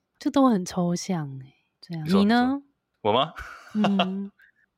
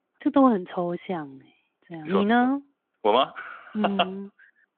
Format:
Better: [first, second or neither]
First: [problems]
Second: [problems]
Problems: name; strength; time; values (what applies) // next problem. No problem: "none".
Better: first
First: none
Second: phone-call audio; nothing above 3.5 kHz